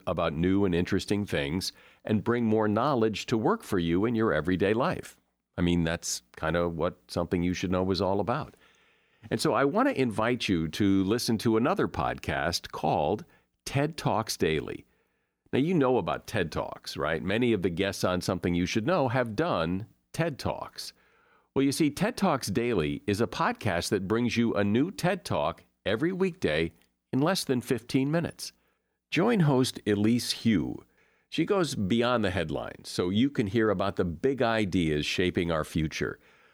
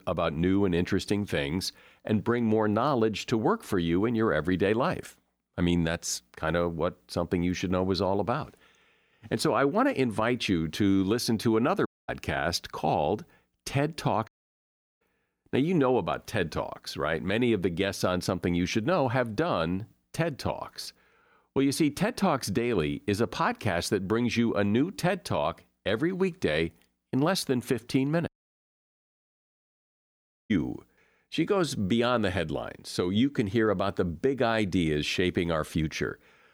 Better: first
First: none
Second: audio cutting out; at 12 s, at 14 s for 0.5 s and at 28 s for 2 s

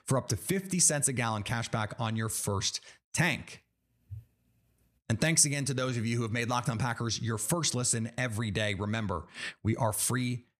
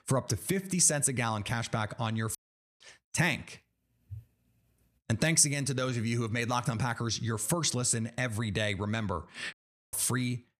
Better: first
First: none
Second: audio cutting out; at 2.5 s and at 9.5 s

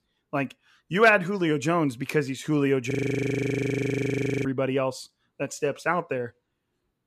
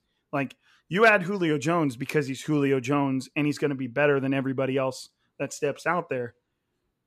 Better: second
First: audio freezing; at 3 s for 1.5 s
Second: none

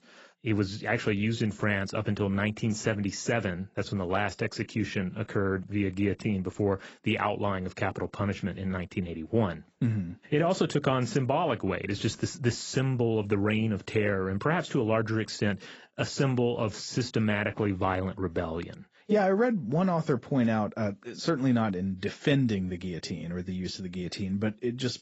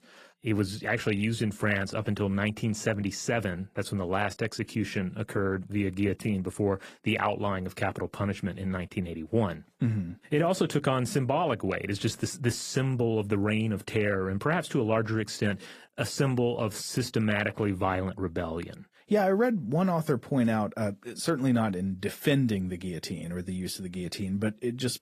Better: second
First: garbled, watery; badly; nothing above 7.5 kHz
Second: garbled, watery; slightly; nothing above 14.5 kHz

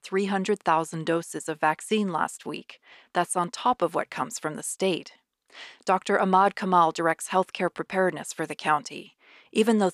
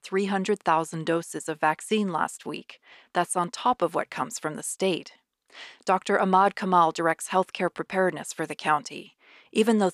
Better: neither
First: none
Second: none

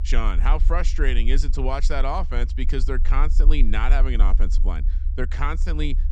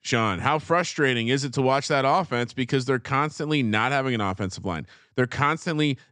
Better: second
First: low rumble; noticeable; throughout; 15 dB below the speech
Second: none

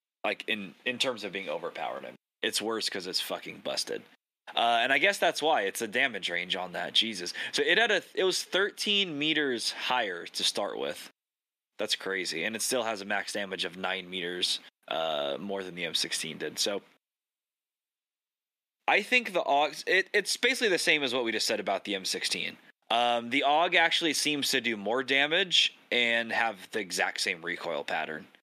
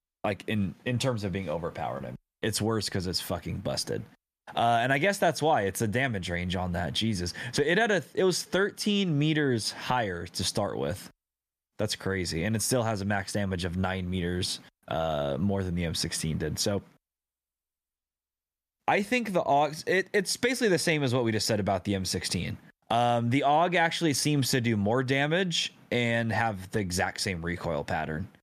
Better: second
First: thin; somewhat; fading below 300 Hz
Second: none

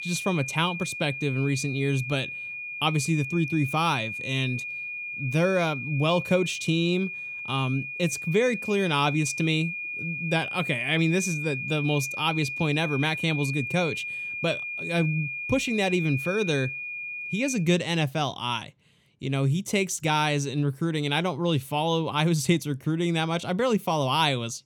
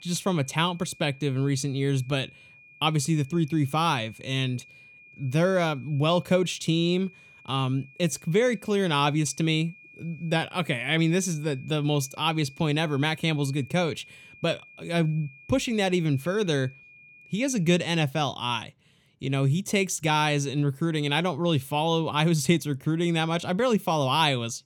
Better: second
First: high-pitched whine; loud; until 18 s; 2.5 kHz, 6 dB below the speech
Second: high-pitched whine; faint; until 18 s; 2.5 kHz, 25 dB below the speech

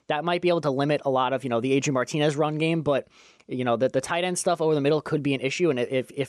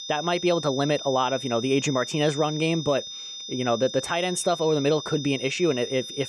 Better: first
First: none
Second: high-pitched whine; loud; throughout; 3.5 kHz, 9 dB below the speech

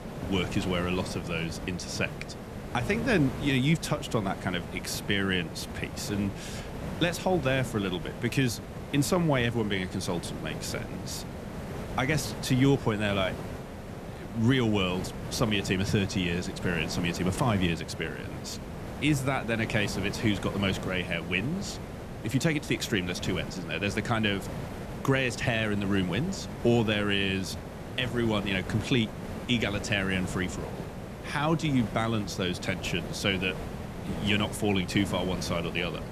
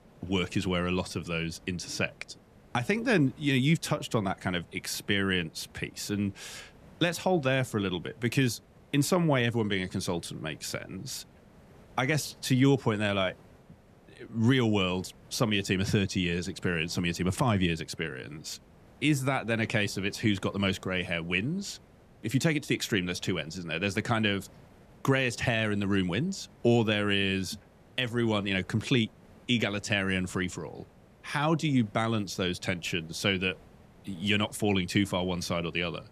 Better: second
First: hiss; loud; throughout; 9 dB below the speech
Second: hiss; faint; throughout; 25 dB below the speech

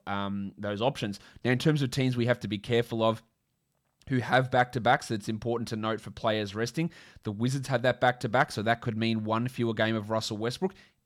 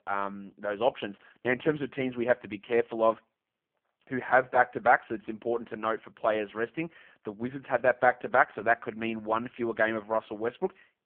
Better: first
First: none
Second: phone-call audio; poor line

